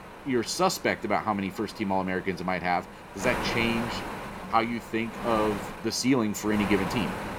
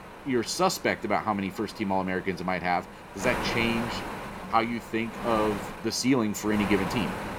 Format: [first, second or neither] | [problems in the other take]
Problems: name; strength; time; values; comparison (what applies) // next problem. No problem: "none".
neither | wind noise on the microphone; heavy; 8 dB below the speech; the same in both